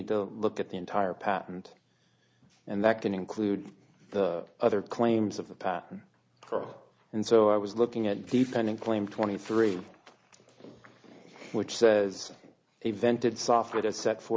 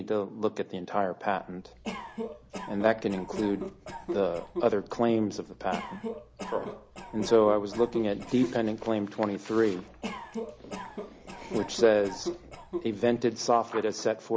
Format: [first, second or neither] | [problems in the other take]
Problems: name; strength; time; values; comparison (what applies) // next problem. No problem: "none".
first | background sound (Cough); 10 dB below the speech